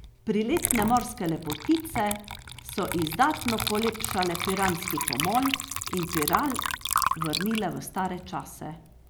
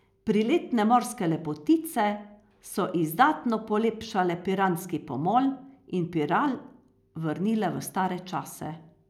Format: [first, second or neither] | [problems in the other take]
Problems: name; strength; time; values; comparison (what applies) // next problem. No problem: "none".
second | background sound (Water / Liquid); 4 dB below the speech